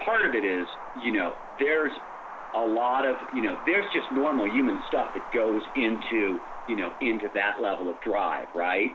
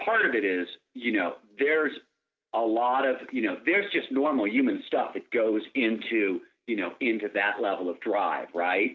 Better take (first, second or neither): second